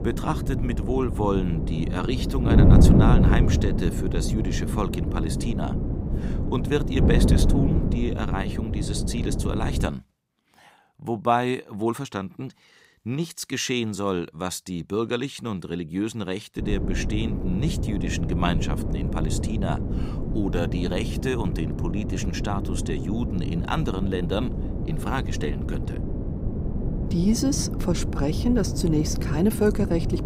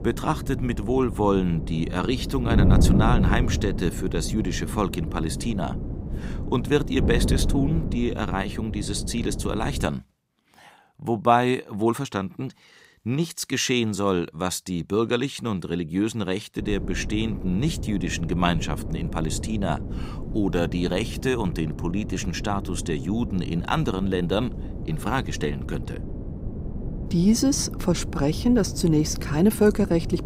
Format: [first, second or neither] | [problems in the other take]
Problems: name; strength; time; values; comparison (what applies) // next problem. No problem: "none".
second | wind noise on the microphone; heavy; until 10 s and from 17 s on; 4 dB below the speech; occasional gusts in the second